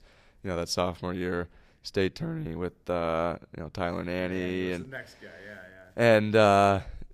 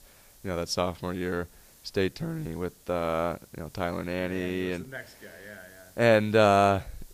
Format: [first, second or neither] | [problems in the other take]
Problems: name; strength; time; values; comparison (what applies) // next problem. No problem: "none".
first | hiss; faint; throughout; 25 dB below the speech